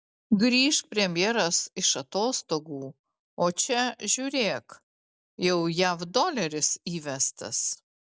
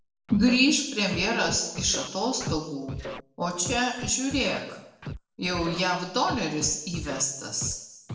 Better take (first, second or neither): first